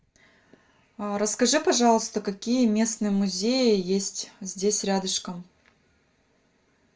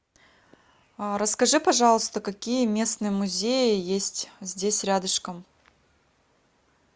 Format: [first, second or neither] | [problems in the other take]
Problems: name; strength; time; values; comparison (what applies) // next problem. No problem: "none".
second | room echo; dies away in 0.2 s